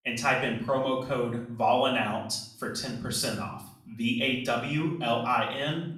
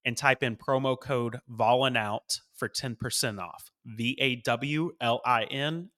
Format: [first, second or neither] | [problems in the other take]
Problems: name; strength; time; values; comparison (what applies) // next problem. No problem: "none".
second | off-mic speech; far // room echo; noticeable; dies away in 0.6 s